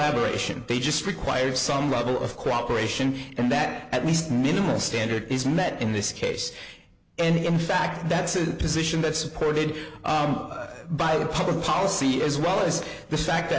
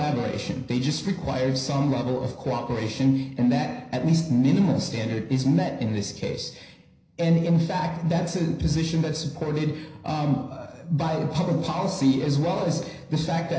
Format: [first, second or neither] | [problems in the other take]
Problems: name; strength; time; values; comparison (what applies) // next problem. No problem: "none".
first | room echo; dies away in 0.5 s